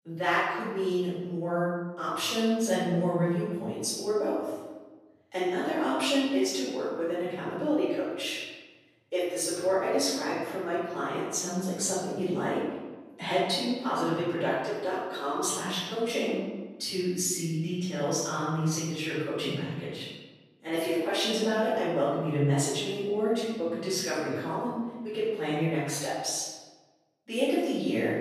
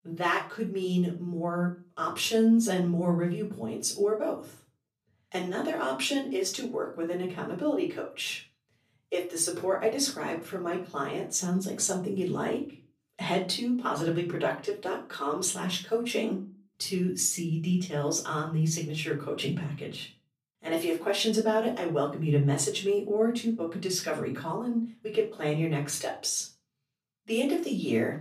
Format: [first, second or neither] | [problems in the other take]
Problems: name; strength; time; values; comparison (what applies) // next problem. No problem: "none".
second | room echo; strong; dies away in 1.1 s; slight in the second // off-mic speech; far; far in the second